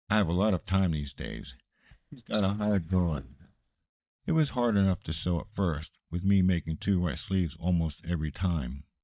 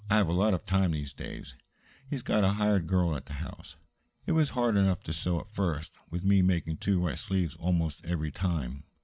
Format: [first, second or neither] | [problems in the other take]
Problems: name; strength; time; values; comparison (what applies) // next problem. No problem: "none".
second | noise reduction (neural mask model DeepFilterNet 3)